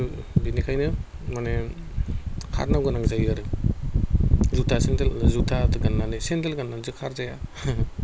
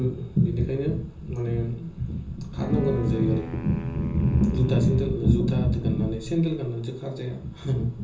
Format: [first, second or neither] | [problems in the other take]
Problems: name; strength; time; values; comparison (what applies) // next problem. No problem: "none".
first | background sound (Wind instrument, woodwind instrument); 16 dB below the speech // room echo; dies away in 0.6 s